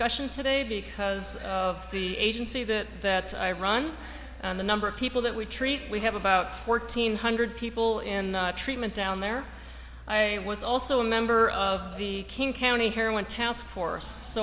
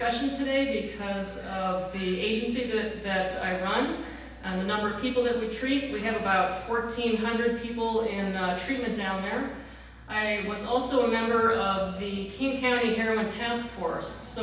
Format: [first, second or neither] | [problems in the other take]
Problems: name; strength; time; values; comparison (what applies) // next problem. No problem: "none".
first | room echo; dies away in 0.9 s